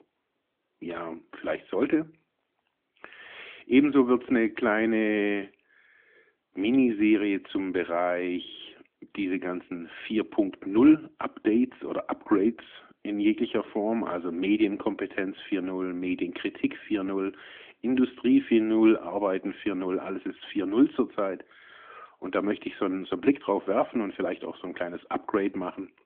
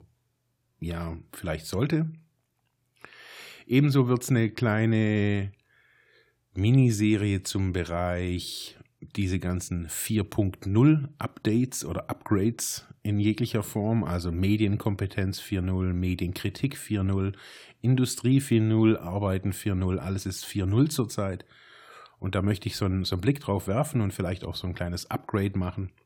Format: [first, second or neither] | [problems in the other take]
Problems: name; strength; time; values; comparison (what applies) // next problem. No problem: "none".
second | phone-call audio; nothing above 3.5 kHz